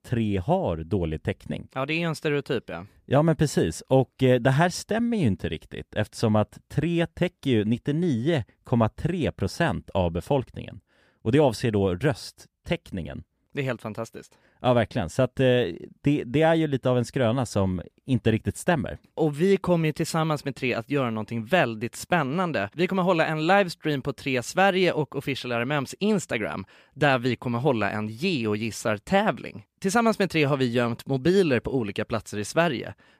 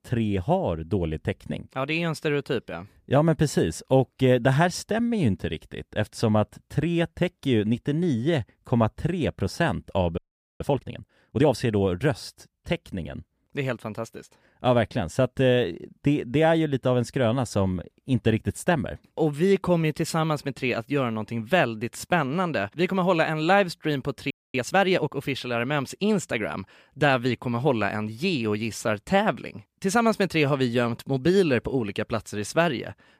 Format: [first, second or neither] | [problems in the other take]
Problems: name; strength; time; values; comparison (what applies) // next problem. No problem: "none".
first | audio freezing; at 10 s and at 24 s